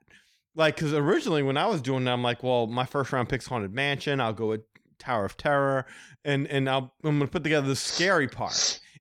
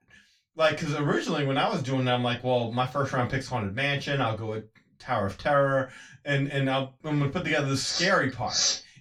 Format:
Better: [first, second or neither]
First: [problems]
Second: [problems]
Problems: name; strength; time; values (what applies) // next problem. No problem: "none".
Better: first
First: none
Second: room echo; very slight; dies away in 0.2 s // off-mic speech; far